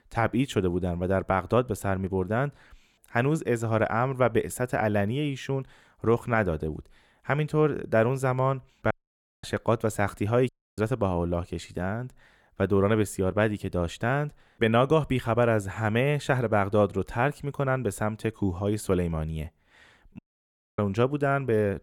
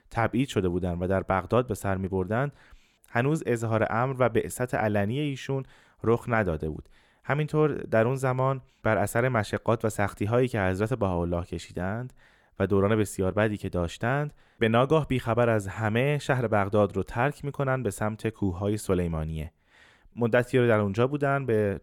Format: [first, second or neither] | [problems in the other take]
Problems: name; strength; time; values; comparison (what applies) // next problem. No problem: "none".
second | audio cutting out; at 9 s for 0.5 s, at 10 s and at 20 s for 0.5 s